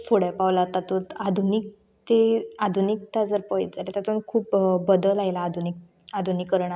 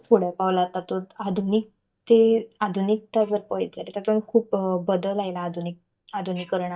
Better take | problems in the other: first | noise reduction (neural mask model DeepFilterNet 3)

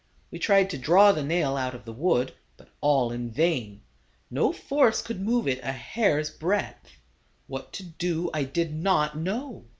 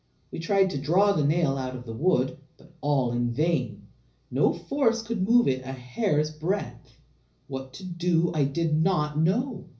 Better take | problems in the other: first | room echo; dies away in 0.5 s

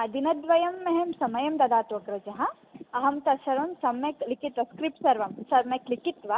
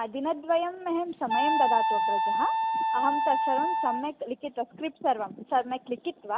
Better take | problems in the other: first | background sound (Wind instrument, woodwind instrument); 3 dB above the speech

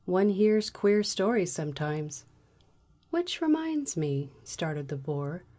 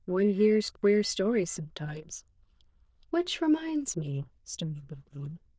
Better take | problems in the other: first | noise reduction (neural diffusion model UNIVERSE++)

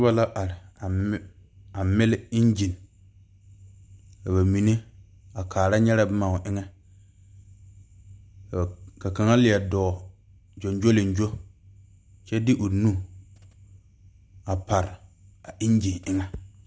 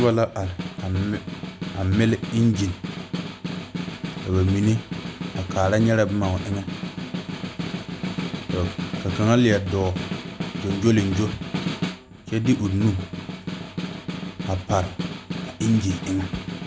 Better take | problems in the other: first | background sound (Snare drum); 7 dB below the speech

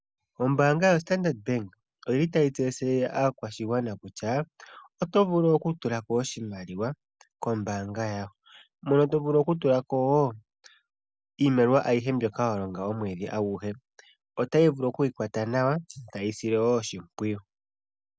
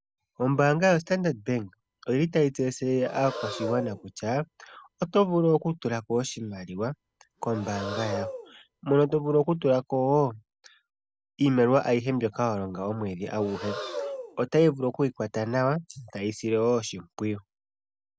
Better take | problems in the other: first | background sound (Breathing); 14 dB below the speech

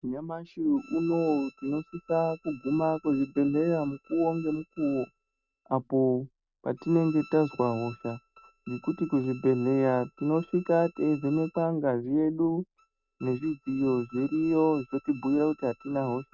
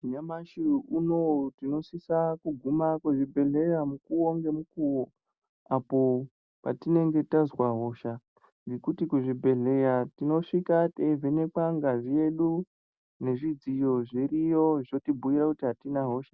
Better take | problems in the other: second | noise reduction (neural mask model RNNoise)

